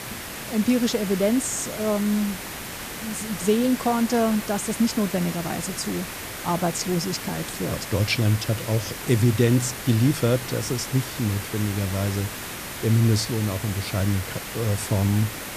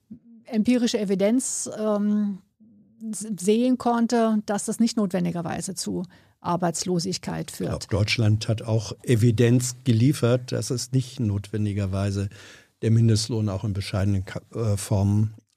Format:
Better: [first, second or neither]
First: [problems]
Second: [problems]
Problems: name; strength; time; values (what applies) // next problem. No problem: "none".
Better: second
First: hiss; loud; throughout; 8 dB below the speech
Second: none